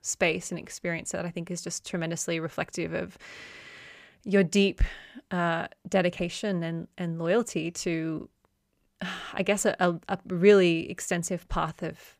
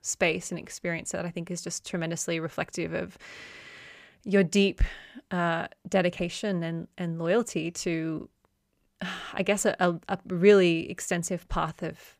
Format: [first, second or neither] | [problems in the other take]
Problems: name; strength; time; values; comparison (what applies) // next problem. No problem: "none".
neither | none